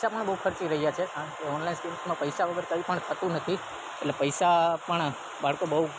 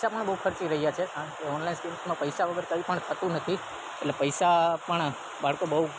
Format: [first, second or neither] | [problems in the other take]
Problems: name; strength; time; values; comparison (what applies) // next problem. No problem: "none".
second | background sound (Wind instrument, woodwind instrument); 19 dB below the speech